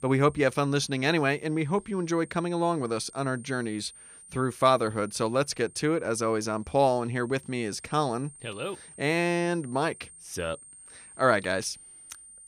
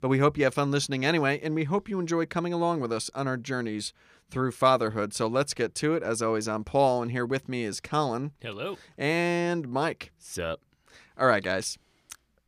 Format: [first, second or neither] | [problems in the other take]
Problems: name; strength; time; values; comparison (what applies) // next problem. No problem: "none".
second | high-pitched whine; faint; throughout; 8.5 kHz, 20 dB below the speech